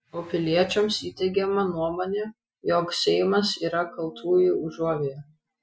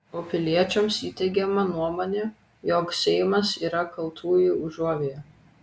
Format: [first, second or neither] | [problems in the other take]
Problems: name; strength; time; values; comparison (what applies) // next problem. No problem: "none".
second | noise reduction (classical method Wiener filter)